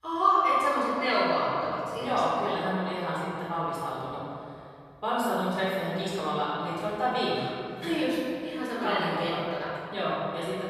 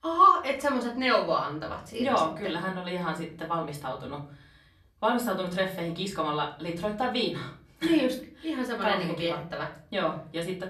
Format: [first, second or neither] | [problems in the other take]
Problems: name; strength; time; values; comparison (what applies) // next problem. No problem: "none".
second | room echo; strong; dies away in 2.2 s; slight in the second // off-mic speech; far; far in the second